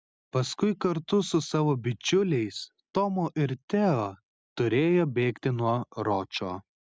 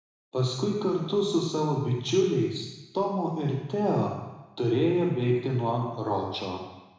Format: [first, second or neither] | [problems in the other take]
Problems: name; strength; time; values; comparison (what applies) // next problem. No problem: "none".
first | room echo; dies away in 1 s